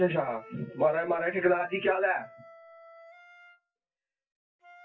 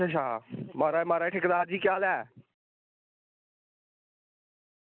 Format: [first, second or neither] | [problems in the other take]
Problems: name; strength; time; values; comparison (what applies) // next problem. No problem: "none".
second | noise reduction (classical method WPE with log-MMSE)